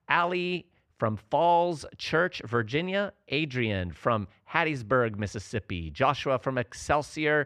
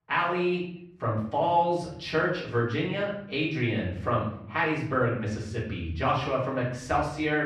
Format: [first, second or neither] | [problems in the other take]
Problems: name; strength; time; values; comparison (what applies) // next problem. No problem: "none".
first | off-mic speech; far // room echo; noticeable; dies away in 0.7 s